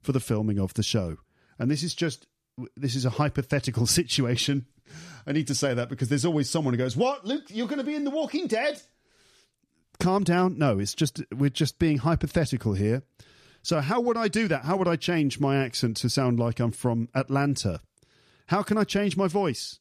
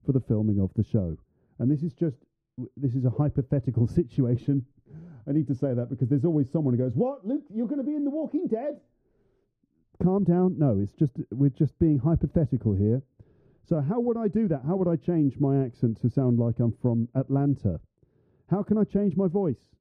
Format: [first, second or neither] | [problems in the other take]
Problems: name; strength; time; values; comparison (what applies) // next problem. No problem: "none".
first | muffled; very; fading above 1.5 kHz